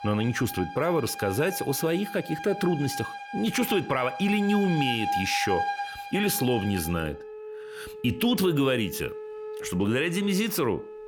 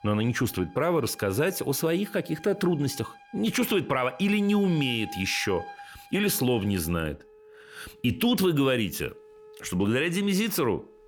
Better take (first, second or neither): second